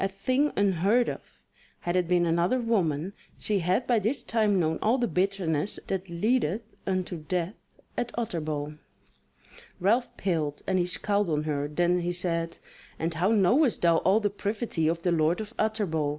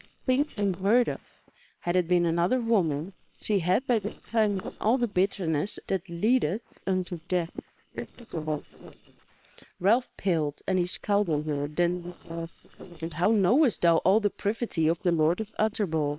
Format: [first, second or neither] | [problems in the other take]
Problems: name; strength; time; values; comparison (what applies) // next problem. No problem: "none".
first | noise reduction (neural separator model SepFormer WHAM!)